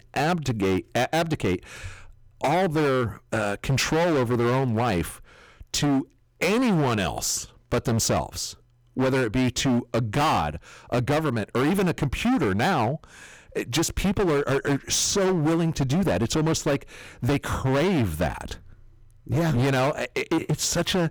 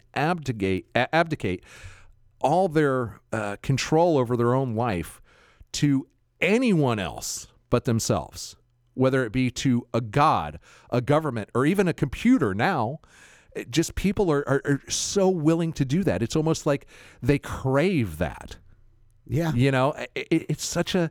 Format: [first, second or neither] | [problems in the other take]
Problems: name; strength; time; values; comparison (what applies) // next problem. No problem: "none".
second | distortion; heavy; 20% of the sound clipped